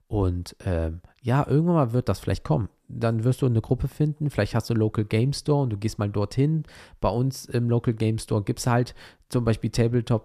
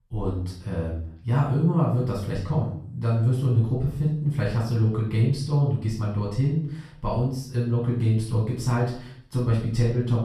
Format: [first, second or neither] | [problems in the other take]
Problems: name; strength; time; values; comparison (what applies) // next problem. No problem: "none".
first | off-mic speech; far // room echo; noticeable; dies away in 0.5 s